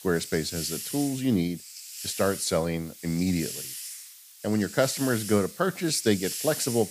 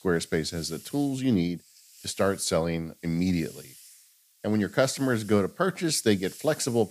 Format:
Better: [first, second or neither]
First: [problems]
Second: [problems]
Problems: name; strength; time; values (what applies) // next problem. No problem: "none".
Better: second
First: hiss; loud; throughout; 8 dB below the speech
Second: hiss; faint; throughout; 20 dB below the speech